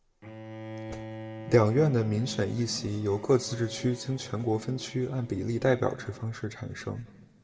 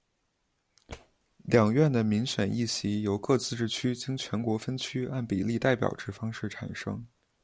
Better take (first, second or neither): second